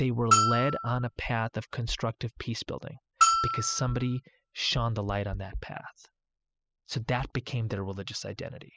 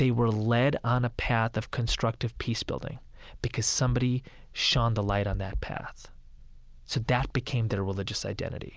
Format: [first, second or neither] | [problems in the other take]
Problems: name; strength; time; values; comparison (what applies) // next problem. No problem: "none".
second | noise reduction (classical method spectral subtraction)